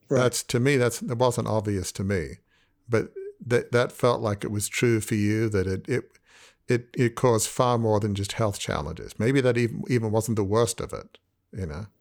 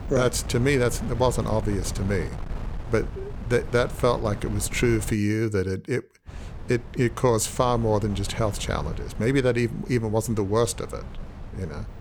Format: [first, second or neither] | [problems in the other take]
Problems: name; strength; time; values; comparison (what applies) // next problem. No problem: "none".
first | wind noise on the microphone; occasional gusts; until 5 s and from 6.5 s on; 15 dB below the speech